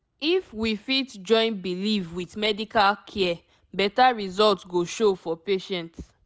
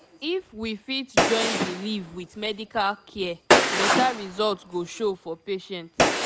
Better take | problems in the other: first | background sound (Gunshot, gunfire); 2 dB above the speech

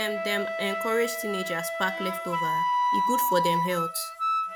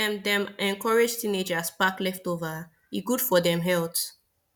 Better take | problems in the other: second | background sound (Wind instrument, woodwind instrument); 2 dB above the speech

